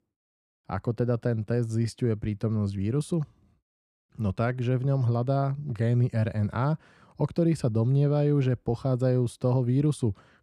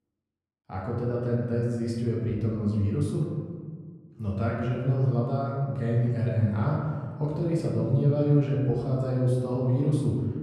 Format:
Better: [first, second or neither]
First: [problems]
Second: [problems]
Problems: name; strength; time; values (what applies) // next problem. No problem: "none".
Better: first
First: none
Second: room echo; noticeable; dies away in 1.5 s // off-mic speech; far